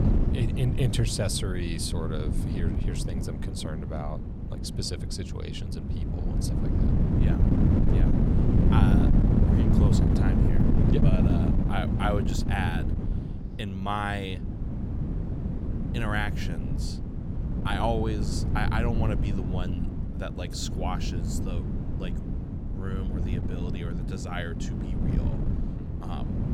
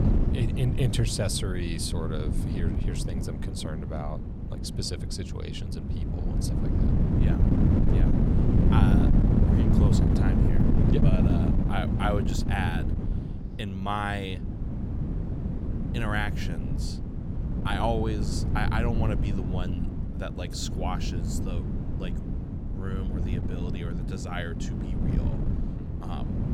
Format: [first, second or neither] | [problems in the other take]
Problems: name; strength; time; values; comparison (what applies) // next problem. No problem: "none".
neither | wind noise on the microphone; heavy; 2 dB below the speech; the same in both